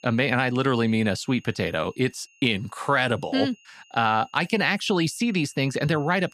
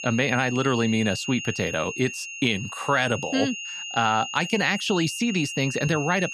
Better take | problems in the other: first | high-pitched whine; loud; throughout; 3 kHz, 8 dB below the speech; faint in the first

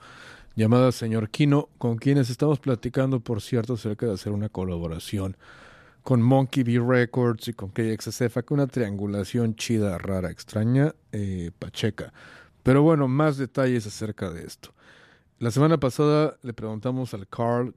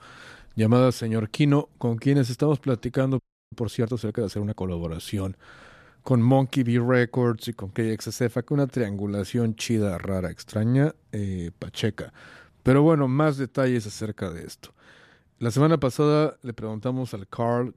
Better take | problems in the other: first | audio freezing; at 3 s

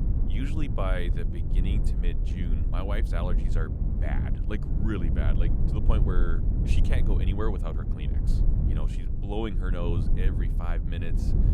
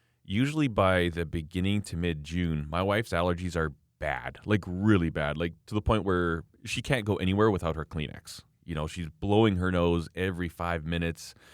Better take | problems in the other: second | low rumble; loud; throughout; 4 dB below the speech

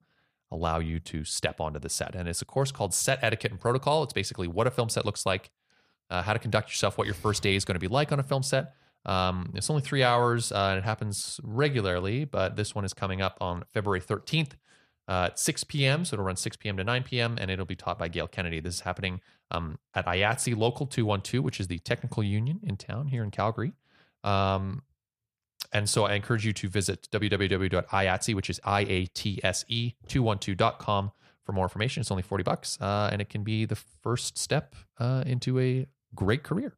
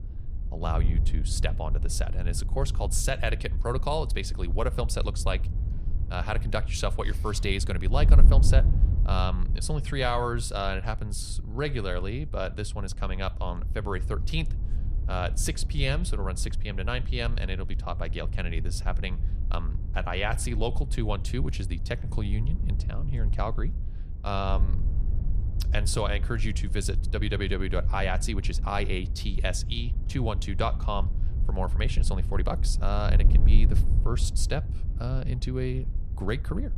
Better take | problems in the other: first | wind noise on the microphone; occasional gusts; 15 dB below the speech

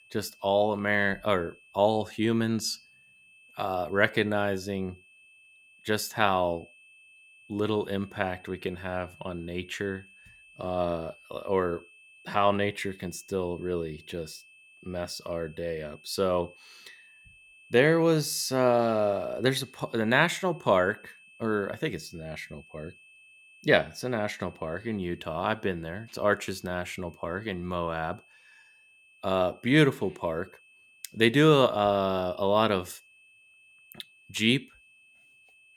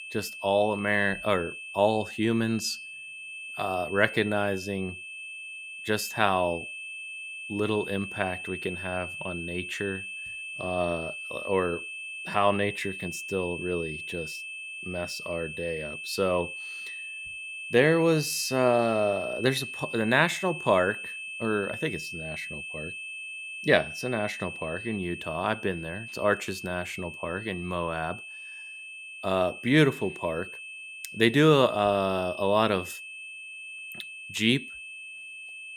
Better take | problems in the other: first | high-pitched whine; loud; throughout; 2.5 kHz, 9 dB below the speech; faint in the first

